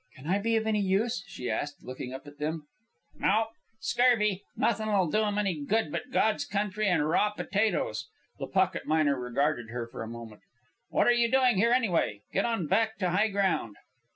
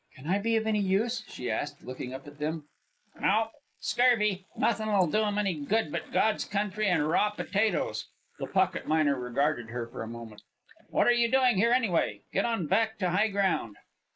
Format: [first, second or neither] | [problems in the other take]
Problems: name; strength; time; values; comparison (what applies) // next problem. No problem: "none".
first | noise reduction (neural mask model Resemble Enhance denoiser)